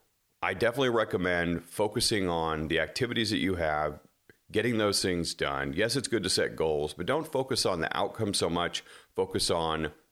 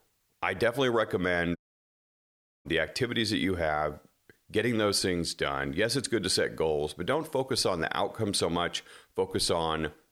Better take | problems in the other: first | audio cutting out; at 1.5 s for 1 s

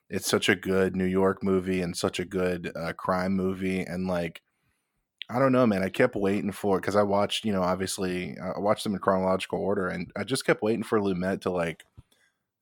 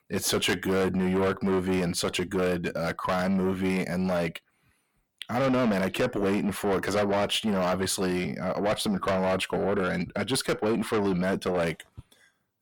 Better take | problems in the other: first | distortion; heavy; 6 dB below the speech

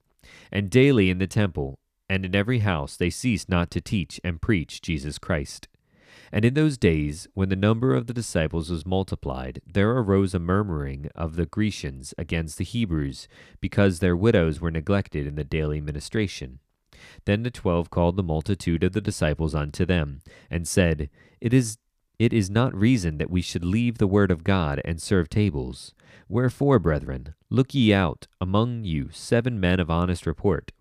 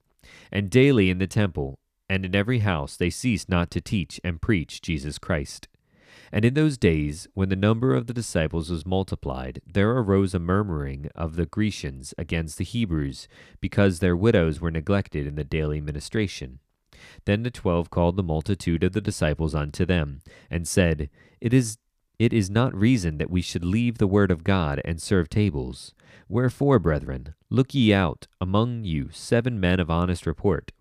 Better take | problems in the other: neither | none

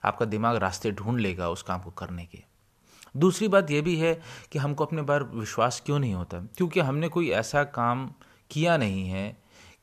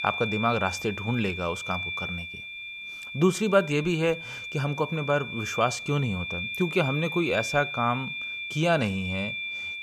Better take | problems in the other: first | high-pitched whine; loud; throughout; 2.5 kHz, 6 dB below the speech

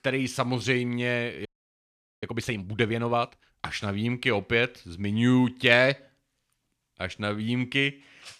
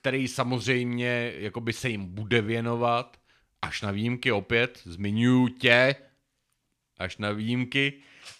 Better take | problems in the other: second | audio freezing; at 1.5 s for 1 s

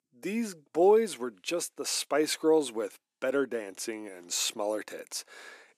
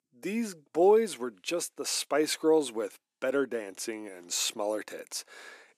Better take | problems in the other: neither | thin; very slightly; fading below 250 Hz; the same in both

